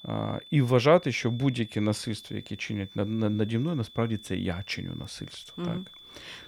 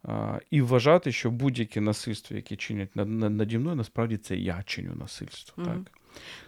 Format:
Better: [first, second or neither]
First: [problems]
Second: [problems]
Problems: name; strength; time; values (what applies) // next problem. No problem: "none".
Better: second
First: high-pitched whine; noticeable; throughout; 3.5 kHz, 20 dB below the speech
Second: none